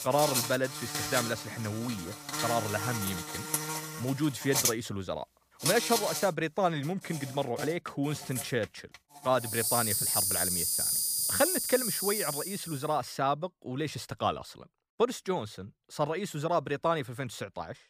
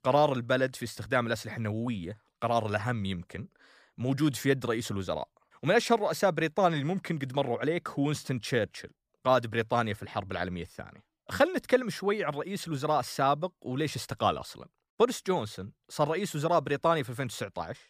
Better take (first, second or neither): second